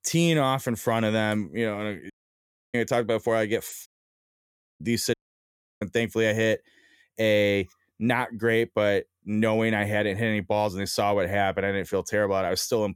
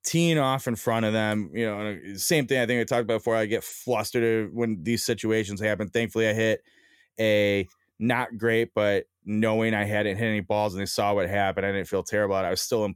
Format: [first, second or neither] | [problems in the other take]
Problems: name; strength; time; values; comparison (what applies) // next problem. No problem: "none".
second | audio cutting out; at 2 s for 0.5 s, at 4 s for 1 s and at 5 s for 0.5 s